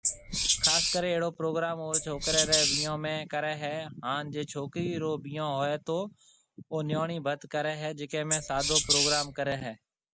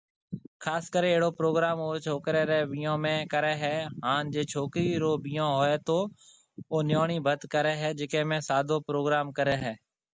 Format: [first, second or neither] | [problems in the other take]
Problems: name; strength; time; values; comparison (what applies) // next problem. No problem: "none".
second | background sound (Wild animals); 4 dB above the speech